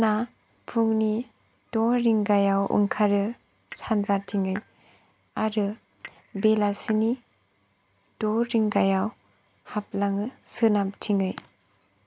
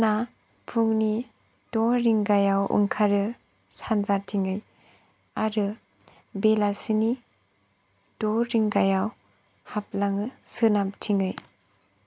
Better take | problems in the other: second | background sound (Cutlery, silverware / Dishes, pots, and pans / Chink, clink); 19 dB below the speech

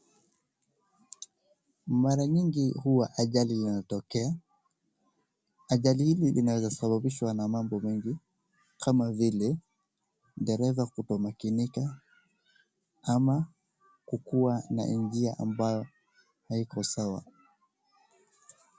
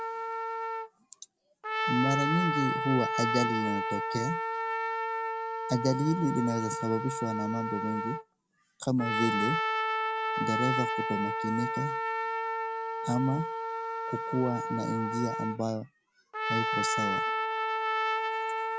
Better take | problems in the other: first | background sound (Trumpet); 1 dB above the speech

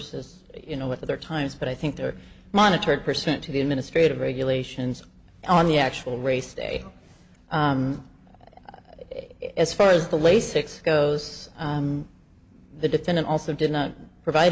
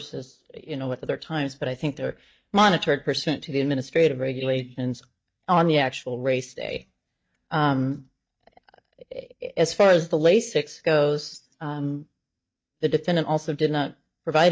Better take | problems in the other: first | noise reduction (neural mask model DeepFilterNet 3)

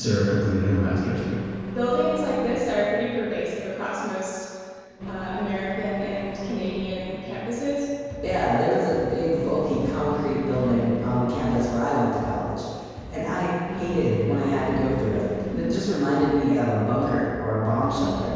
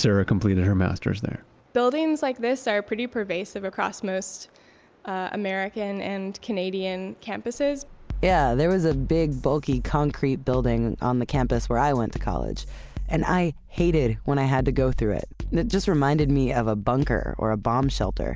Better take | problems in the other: second | background sound (Engine); 12 dB below the speech // room echo; dies away in 1.9 s

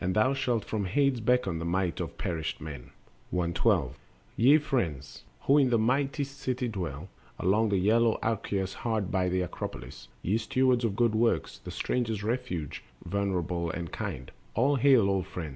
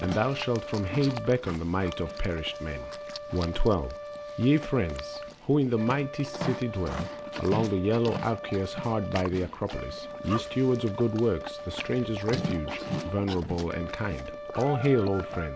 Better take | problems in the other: first | background sound (Livestock, farm animals, working animals + Brass instrument); 8 dB below the speech

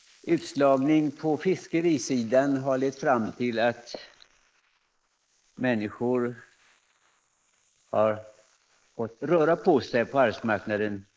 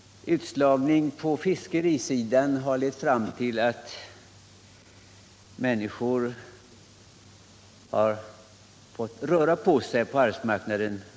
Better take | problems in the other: second | noise reduction (neural mask model Resemble Enhance denoiser)

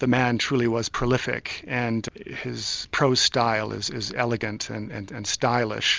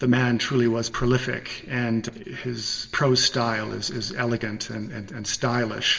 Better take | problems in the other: first | room echo; dies away in 1.3 s

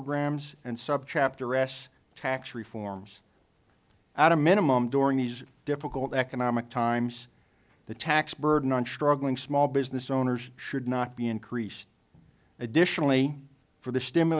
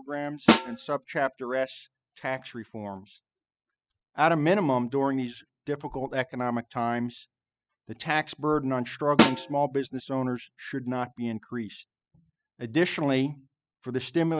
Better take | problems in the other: first | noise reduction (classical method spectral subtraction)

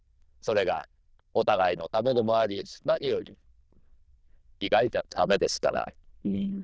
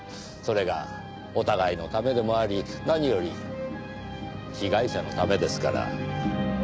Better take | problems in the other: second | noise reduction (neural diffusion model UNIVERSE++)

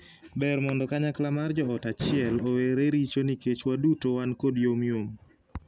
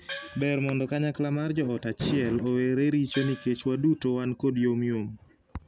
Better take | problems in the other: first | background sound (Gong); 15 dB below the speech

